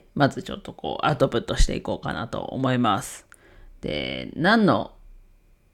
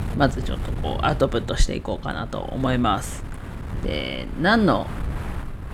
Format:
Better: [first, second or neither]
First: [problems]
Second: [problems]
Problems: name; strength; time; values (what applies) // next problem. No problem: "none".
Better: first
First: none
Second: wind noise on the microphone; occasional gusts; 15 dB below the speech